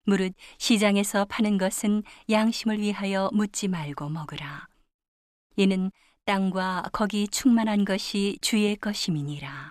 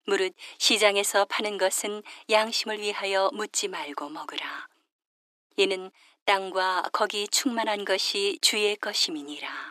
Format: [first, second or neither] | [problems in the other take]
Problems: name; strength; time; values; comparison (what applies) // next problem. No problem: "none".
first | thin; very; fading below 300 Hz